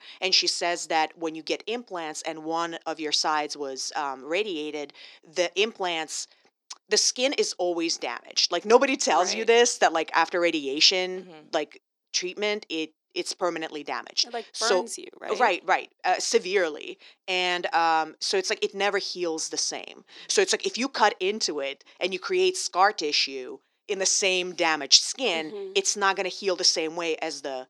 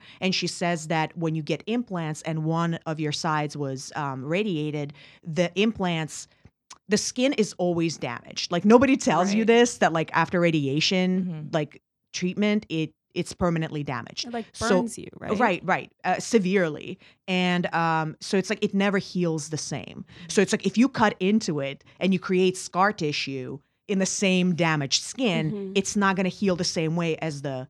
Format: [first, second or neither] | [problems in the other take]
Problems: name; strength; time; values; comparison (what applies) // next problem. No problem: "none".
second | thin; very; fading below 350 Hz